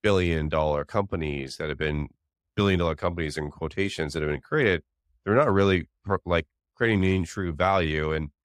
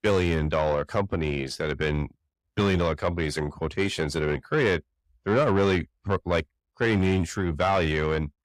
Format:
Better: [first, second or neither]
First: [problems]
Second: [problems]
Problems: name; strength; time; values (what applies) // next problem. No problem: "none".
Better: first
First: none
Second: distortion; slight; 10 dB below the speech